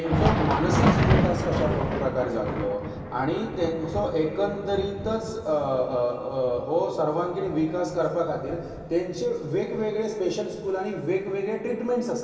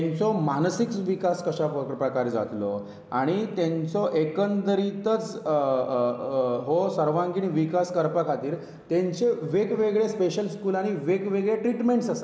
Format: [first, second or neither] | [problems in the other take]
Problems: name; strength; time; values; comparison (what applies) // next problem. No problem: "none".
second | background sound (Thunder); 3 dB below the speech // room echo; dies away in 2.8 s